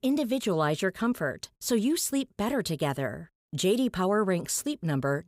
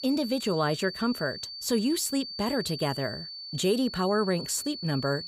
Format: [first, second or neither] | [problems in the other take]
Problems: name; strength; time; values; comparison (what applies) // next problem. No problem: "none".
first | high-pitched whine; loud; throughout; 4.5 kHz, 8 dB below the speech